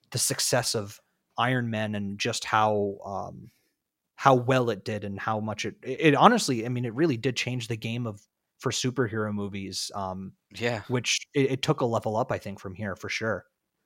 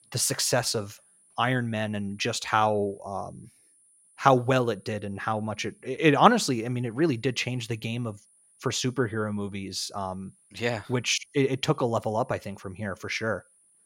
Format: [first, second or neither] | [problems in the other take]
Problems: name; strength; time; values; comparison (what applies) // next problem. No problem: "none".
first | high-pitched whine; faint; throughout; 10 kHz, 30 dB below the speech